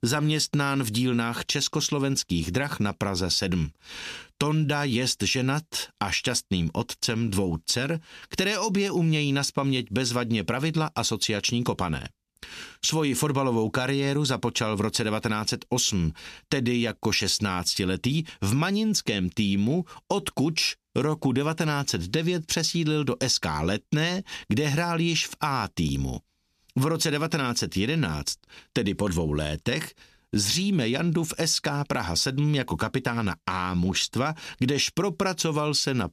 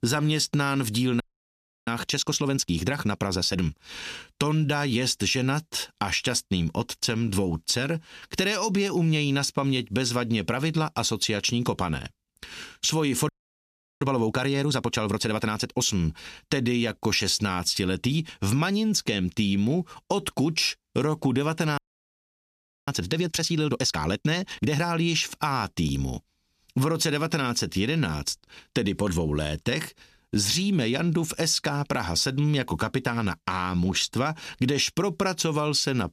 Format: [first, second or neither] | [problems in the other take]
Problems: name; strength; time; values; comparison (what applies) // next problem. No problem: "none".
first | audio freezing; at 1 s for 0.5 s, at 13 s for 0.5 s and at 22 s for 1 s